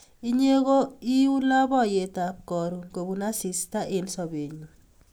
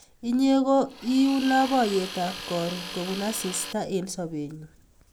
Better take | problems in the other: first | background sound (Tools); 12 dB below the speech

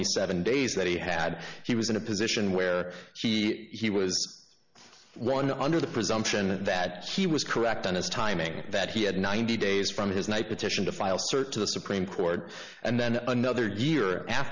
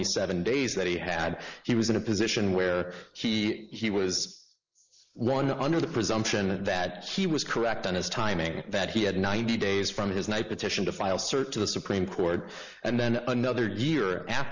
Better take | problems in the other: first | noise reduction (neural mask model Resemble Enhance denoiser)

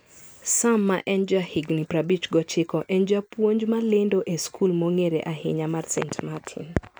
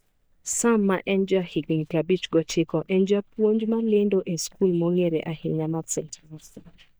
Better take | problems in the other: first | noise reduction (neural mask model DeepFilterNet 3)

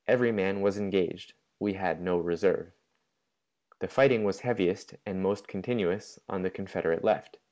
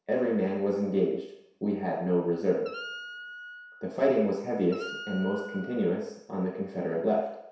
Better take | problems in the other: first | background sound (Wind instrument, woodwind instrument); 14 dB below the speech // room echo; dies away in 0.7 s

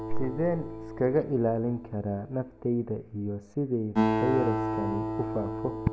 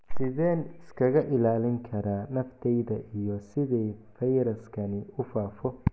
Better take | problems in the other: second | background sound (Acoustic guitar); 3 dB below the speech

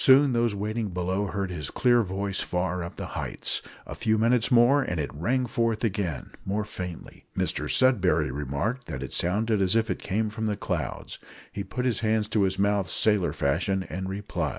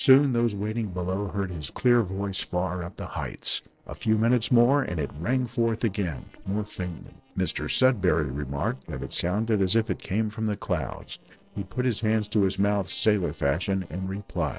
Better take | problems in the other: first | noise reduction (neural separator model SepFormer DNS4)

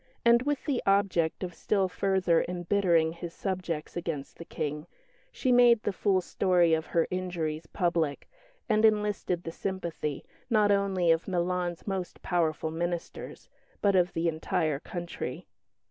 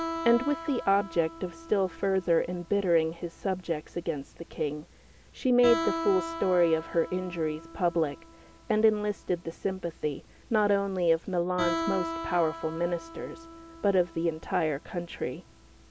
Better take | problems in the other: first | background sound (Guitar); 11 dB below the speech

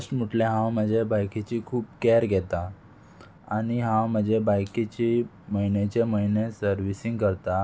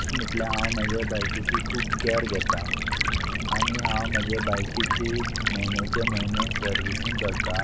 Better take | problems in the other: first | background sound (Stream); 4 dB above the speech

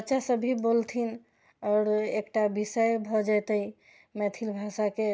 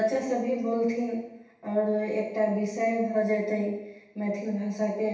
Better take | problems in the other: first | room echo; dies away in 0.9 s

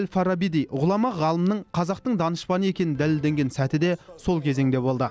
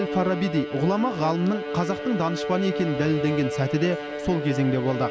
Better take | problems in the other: first | background sound (Bowed string instrument); 6 dB below the speech

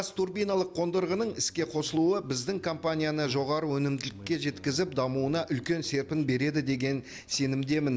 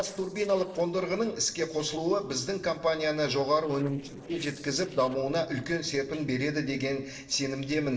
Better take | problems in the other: first | noise reduction (neural separator model SepFormer DNS4)

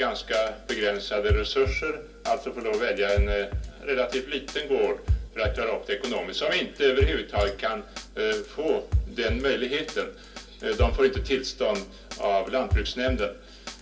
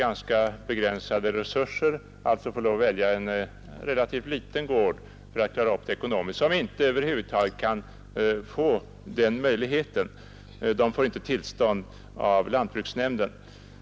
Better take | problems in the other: second | background sound (Drum kit); 5 dB below the speech // room echo; dies away in 0.3 s

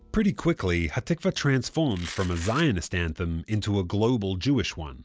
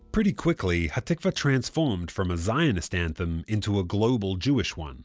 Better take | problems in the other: second | background sound (Domestic sounds, home sounds); 16 dB below the speech

